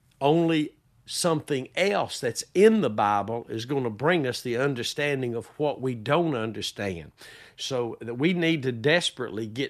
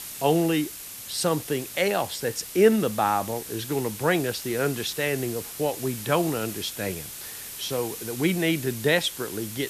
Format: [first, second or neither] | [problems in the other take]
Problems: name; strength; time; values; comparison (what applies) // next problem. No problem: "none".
first | hiss; loud; throughout; 10 dB below the speech